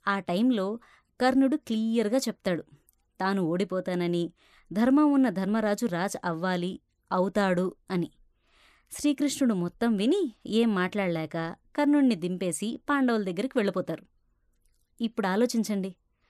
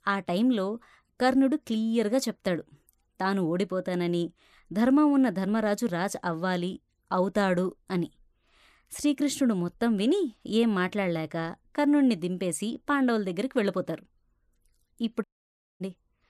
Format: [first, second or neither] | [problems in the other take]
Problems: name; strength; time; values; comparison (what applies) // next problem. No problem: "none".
first | audio cutting out; at 15 s for 0.5 s